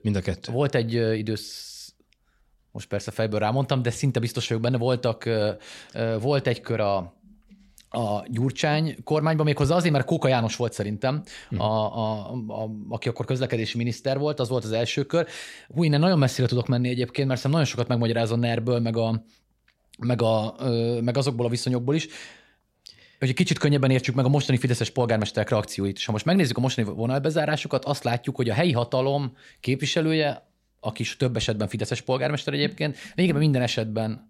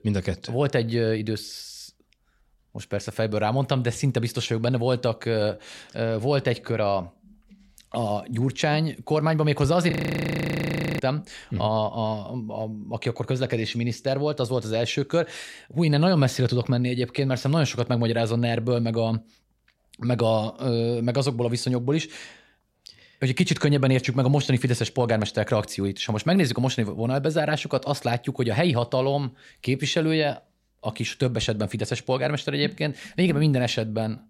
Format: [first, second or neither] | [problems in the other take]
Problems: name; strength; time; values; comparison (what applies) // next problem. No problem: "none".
first | audio freezing; at 10 s for 1 s